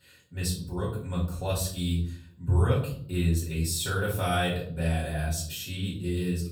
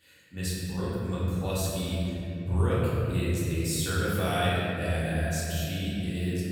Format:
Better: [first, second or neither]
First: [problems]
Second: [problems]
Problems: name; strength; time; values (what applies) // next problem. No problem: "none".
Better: first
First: room echo; slight; dies away in 0.5 s // off-mic speech; far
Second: room echo; strong; dies away in 3 s // off-mic speech; far